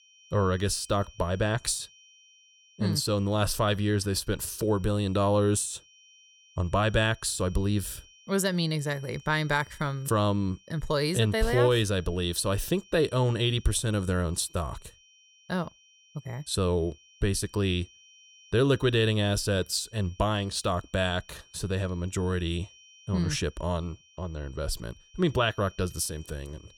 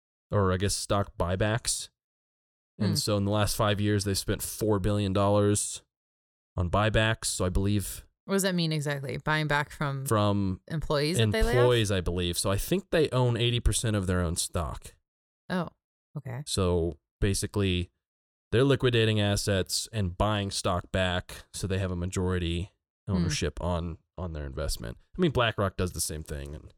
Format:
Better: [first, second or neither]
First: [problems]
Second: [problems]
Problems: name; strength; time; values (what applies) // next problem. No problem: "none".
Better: second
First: high-pitched whine; faint; throughout; 3 kHz, 25 dB below the speech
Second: none